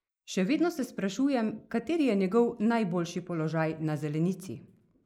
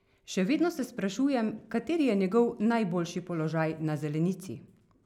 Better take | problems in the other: second | noise reduction (neural mask model Resemble Enhance denoiser)

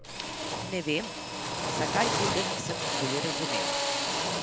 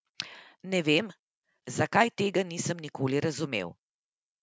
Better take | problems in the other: second | background sound (Drill); 4 dB above the speech

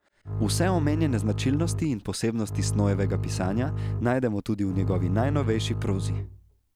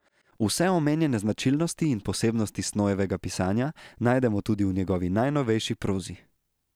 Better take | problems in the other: second | background sound (Bowed string instrument); 2 dB below the speech

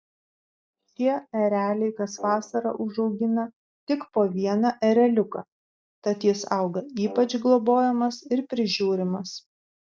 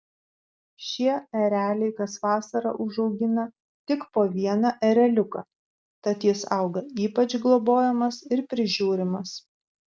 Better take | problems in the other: second | noise reduction (neural mask model DeepFilterNet 3)

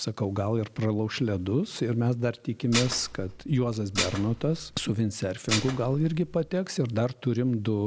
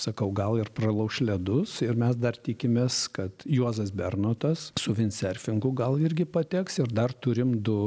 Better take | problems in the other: second | background sound (Dishes, pots, and pans); 8 dB below the speech

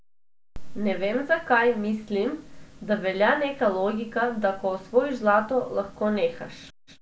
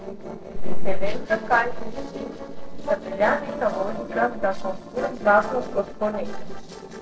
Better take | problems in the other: first | noise reduction (neural separator model SepFormer DNS4)

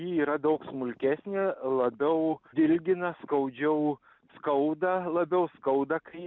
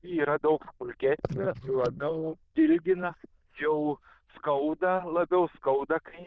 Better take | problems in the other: first | noise reduction (neural diffusion model UNIVERSE++)

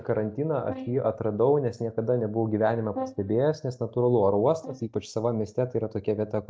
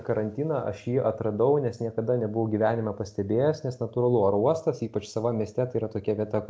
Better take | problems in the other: second | noise reduction (neural mask model DeepFilterNet 3)

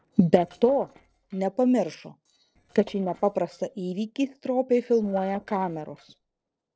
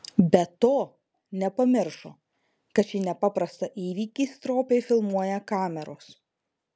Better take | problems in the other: second | noise reduction (neural separator model SepFormer DNS4)

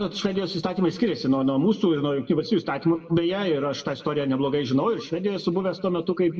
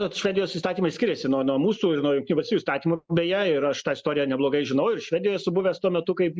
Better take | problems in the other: second | room echo; dies away in 1.5 s

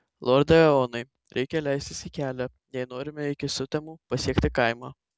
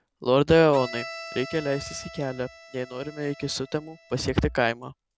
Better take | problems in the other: first | background sound (Bowed string instrument); 17 dB below the speech

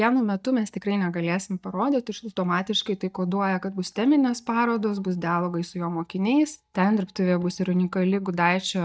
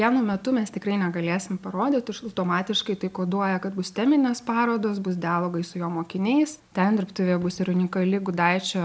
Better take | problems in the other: second | noise reduction (neural mask model DeepFilterNet 3)

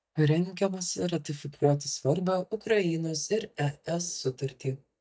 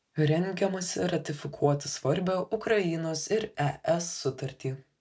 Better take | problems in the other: second | noise reduction (neural mask model DeepFilterNet 3)

